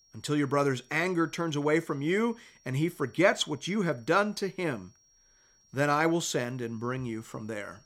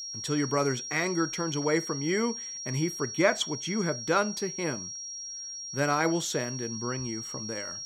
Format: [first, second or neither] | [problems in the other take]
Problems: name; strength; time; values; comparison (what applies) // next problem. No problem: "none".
first | high-pitched whine; loud; throughout; 5.5 kHz, 6 dB below the speech; faint in the first